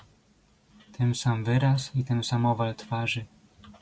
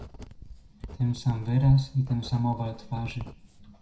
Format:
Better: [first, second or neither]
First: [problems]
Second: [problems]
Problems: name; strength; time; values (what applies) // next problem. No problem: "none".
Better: first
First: none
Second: background sound (Writing); 14 dB below the speech // room echo; dies away in 0.4 s